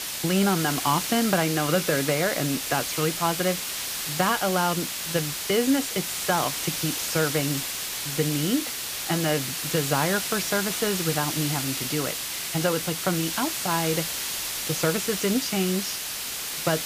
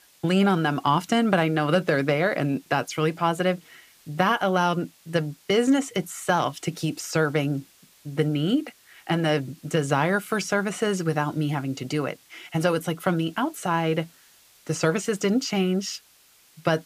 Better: second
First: hiss; loud; throughout; 1 dB below the speech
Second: hiss; faint; throughout; 30 dB below the speech

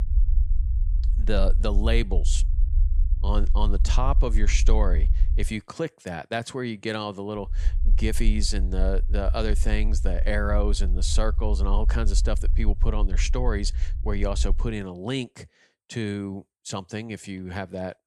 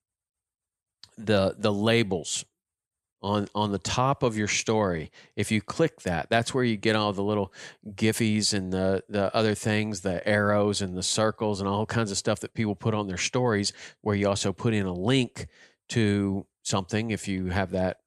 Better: second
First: low rumble; noticeable; until 5.5 s and from 7.5 to 15 s; 15 dB below the speech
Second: none

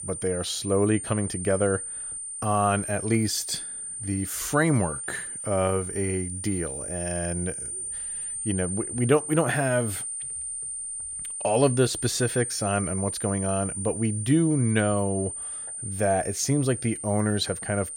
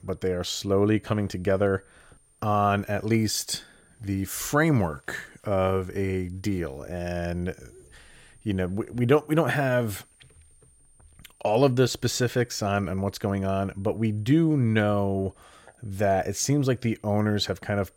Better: second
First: high-pitched whine; loud; throughout; 9 kHz, 5 dB below the speech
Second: high-pitched whine; faint; throughout; 9 kHz, 35 dB below the speech

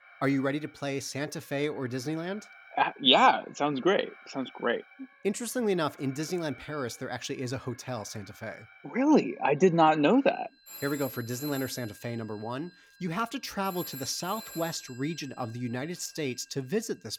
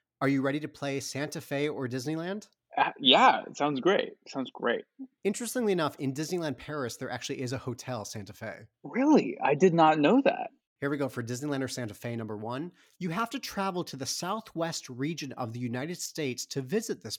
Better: second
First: alarms or sirens; noticeable; throughout; 20 dB below the speech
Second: none

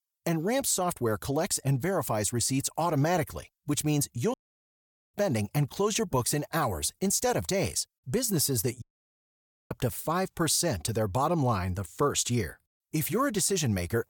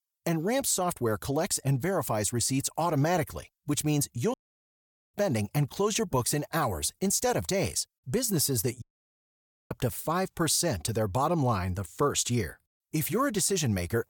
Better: neither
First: audio cutting out; at 4.5 s for 1 s and at 9 s for 1 s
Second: audio cutting out; at 4.5 s for 1 s and at 9 s for 1 s

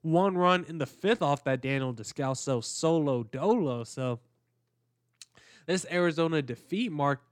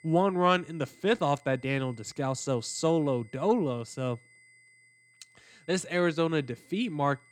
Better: first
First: none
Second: high-pitched whine; faint; throughout; 2 kHz, 30 dB below the speech

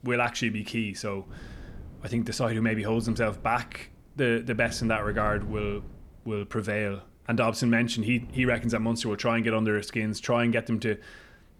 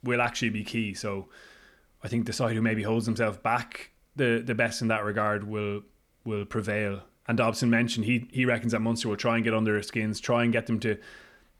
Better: second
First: wind noise on the microphone; occasional gusts; 25 dB below the speech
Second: none

